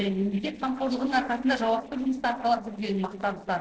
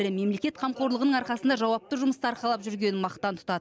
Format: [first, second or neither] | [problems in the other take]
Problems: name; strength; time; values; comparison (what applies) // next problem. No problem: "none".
second | noise reduction (neural separator model SepFormer DNS4)